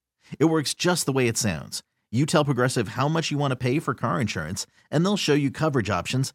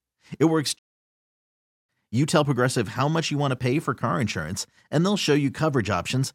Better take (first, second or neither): first